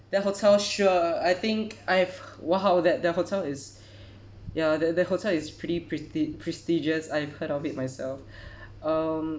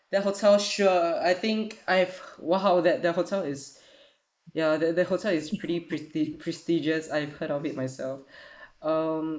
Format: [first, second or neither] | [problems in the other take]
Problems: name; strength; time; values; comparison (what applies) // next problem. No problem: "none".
first | noise reduction (neural mask model Resemble Enhance denoiser)